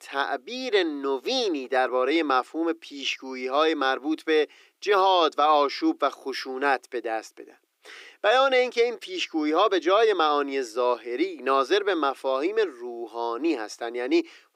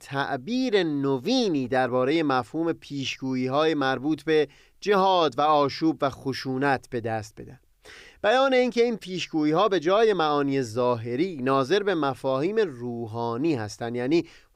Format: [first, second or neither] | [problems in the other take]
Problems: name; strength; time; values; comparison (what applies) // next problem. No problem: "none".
second | thin; somewhat; fading below 300 Hz